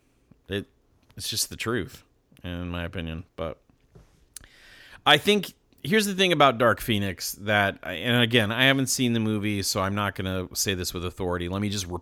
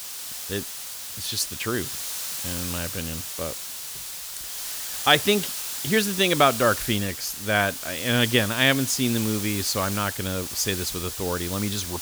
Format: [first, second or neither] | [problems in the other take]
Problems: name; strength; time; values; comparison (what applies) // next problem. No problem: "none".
first | hiss; loud; throughout; 6 dB below the speech